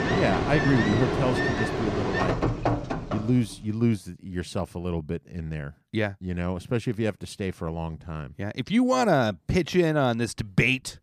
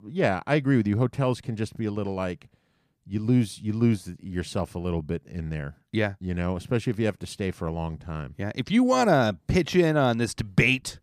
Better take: second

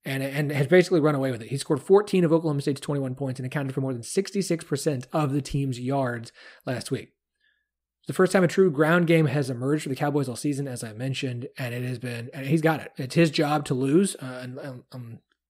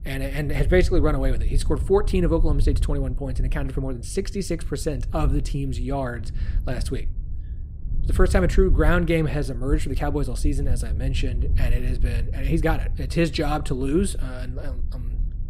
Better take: first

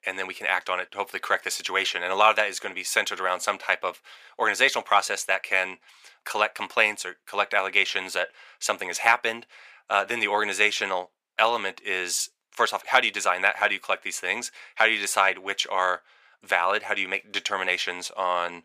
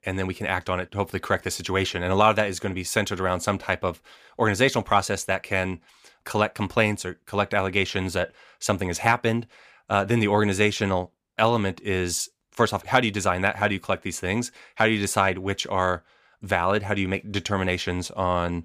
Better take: second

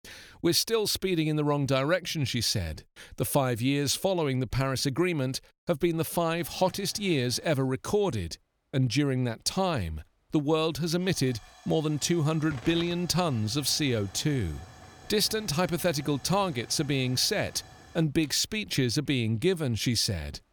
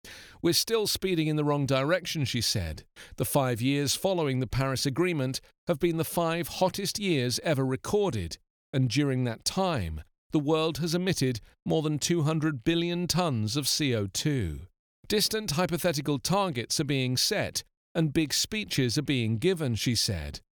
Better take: second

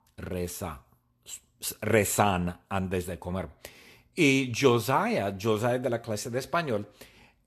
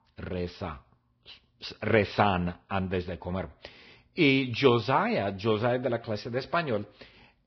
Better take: first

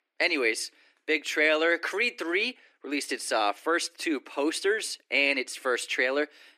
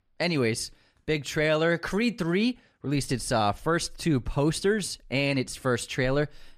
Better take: second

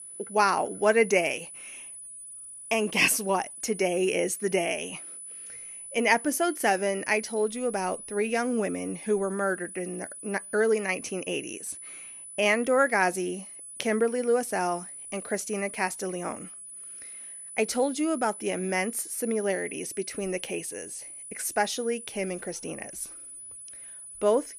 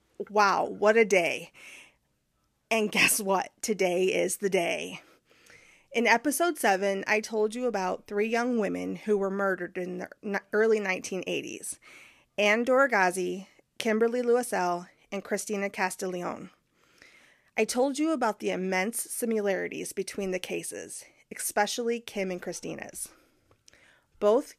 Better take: second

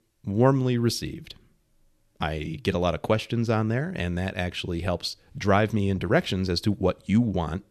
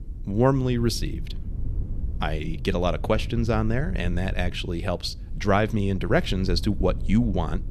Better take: first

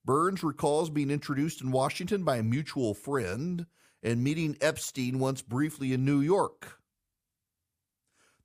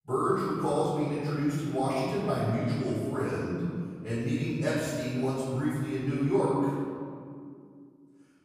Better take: first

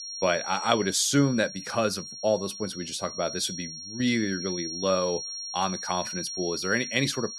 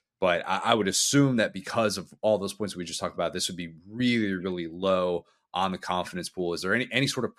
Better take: second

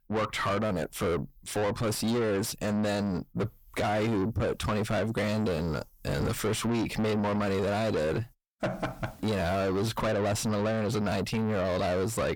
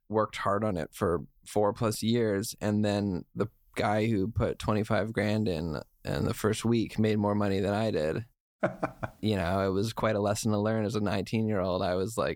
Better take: second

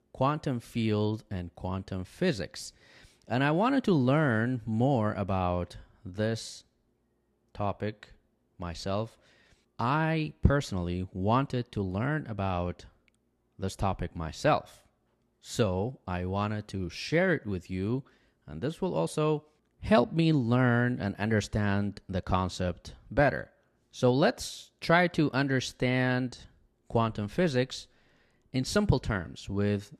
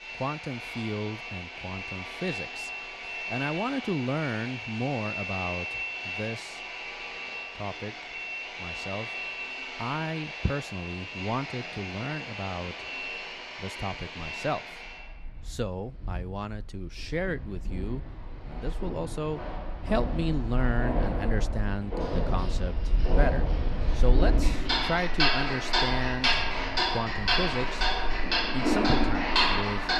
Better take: first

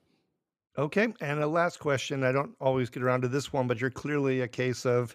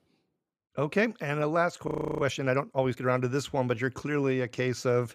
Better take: first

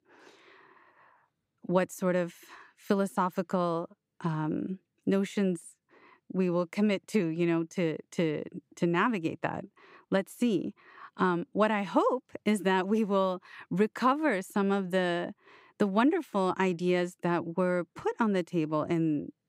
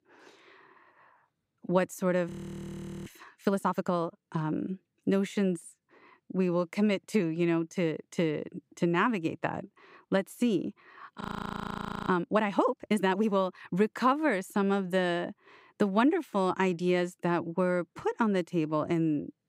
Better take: first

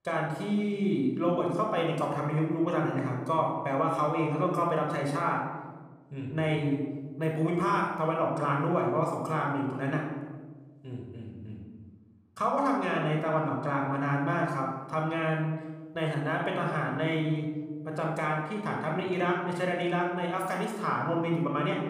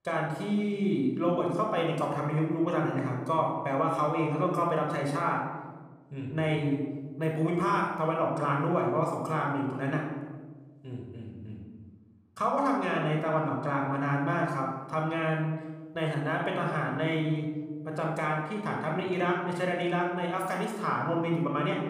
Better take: neither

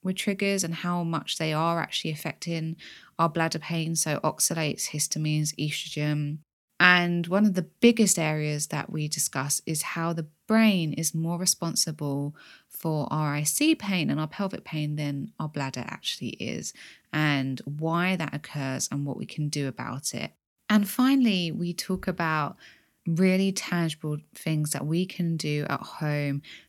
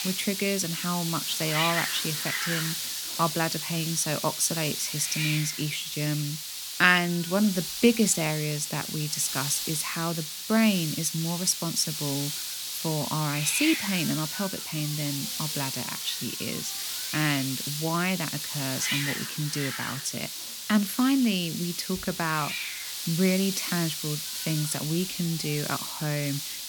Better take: first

